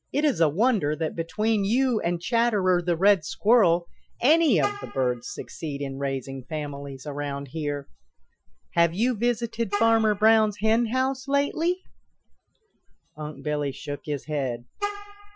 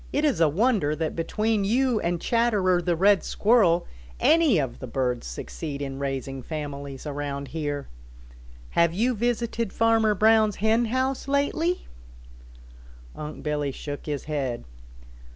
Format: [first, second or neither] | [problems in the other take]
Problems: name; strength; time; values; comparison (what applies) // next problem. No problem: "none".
second | noise reduction (classical method Wiener filter)